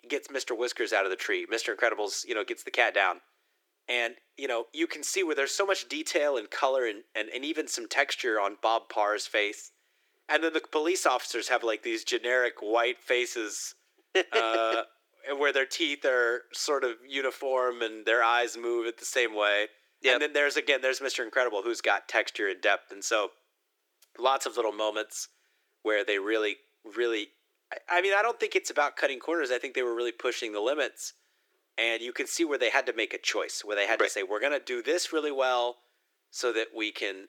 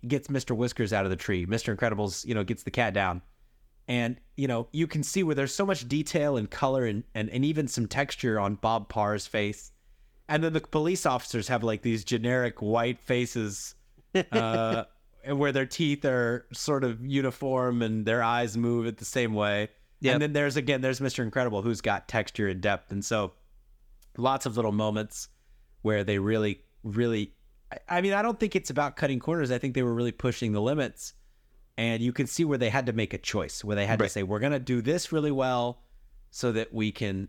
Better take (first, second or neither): second